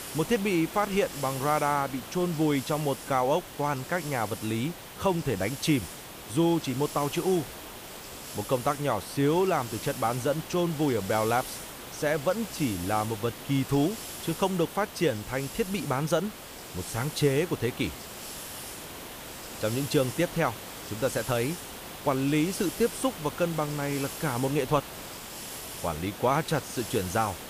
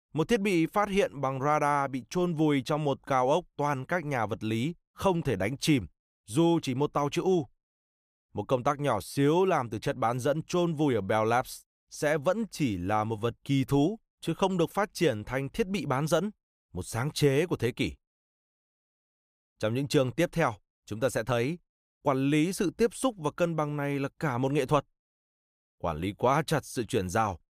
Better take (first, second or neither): second